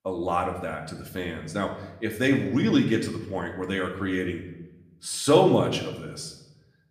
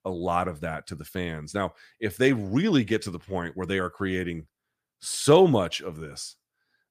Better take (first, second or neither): second